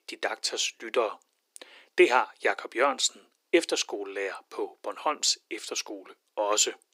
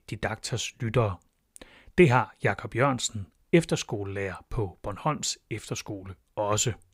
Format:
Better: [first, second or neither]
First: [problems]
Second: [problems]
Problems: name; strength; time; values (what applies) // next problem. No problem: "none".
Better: second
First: thin; very; fading below 300 Hz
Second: none